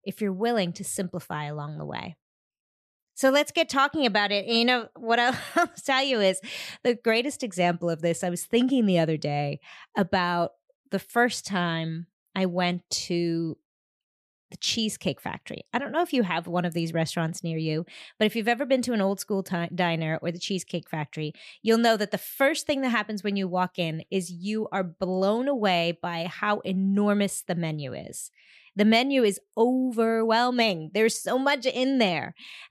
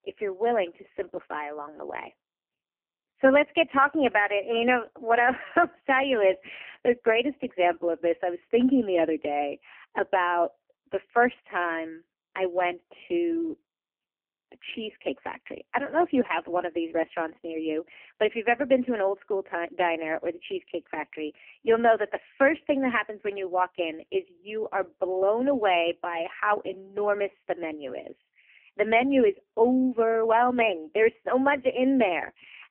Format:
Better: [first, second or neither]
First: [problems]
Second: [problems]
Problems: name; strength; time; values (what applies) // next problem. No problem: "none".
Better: first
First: none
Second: phone-call audio; poor line; nothing above 3 kHz